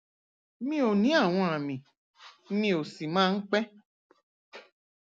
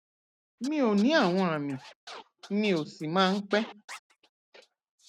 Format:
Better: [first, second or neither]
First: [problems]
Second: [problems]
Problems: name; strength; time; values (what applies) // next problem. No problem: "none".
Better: first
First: none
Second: noise reduction (neural mask model RNNoise)